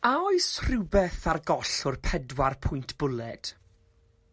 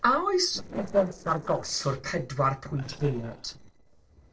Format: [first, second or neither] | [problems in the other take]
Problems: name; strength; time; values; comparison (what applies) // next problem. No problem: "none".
first | noise reduction (neural separator model SepFormer DNS4)